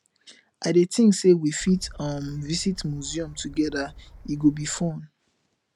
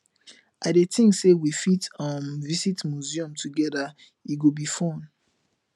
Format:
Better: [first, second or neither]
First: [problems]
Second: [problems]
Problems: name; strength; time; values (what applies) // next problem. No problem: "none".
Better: second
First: background sound (Gull, seagull / Wind); 19 dB below the speech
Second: none